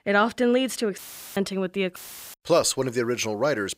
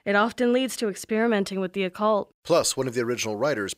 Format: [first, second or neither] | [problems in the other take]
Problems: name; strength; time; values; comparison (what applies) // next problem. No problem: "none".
second | audio cutting out; filled with static; at 1 s and at 2 s